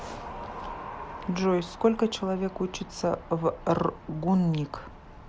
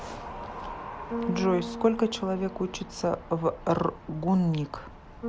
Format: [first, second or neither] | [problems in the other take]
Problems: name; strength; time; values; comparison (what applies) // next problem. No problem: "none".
first | background sound (Bass guitar); 11 dB below the speech